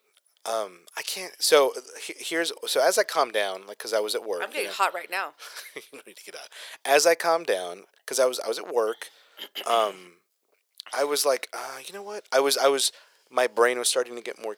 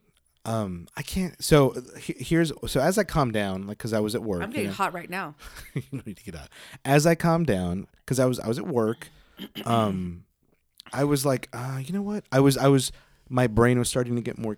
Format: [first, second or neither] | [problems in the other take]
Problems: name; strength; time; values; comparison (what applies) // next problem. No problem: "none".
second | thin; very; fading below 500 Hz